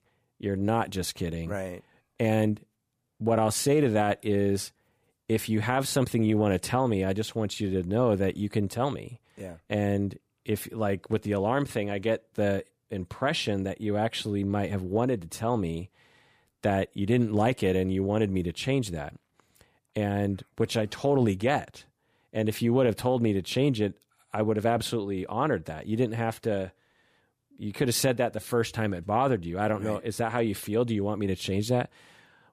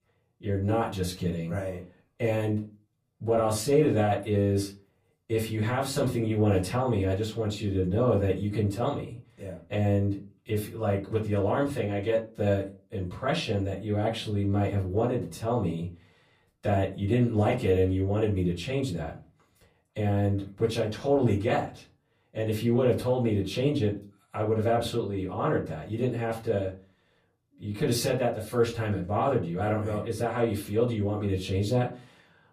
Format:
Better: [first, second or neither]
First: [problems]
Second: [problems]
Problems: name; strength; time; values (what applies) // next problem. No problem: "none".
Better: first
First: none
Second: off-mic speech; far // room echo; very slight; dies away in 0.3 s